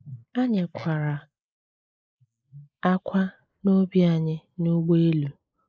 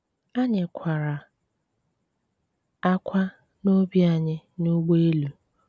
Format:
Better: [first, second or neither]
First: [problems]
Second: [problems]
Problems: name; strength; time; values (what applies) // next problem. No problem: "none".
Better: second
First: noise reduction (neural mask model Resemble Enhance denoiser)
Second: none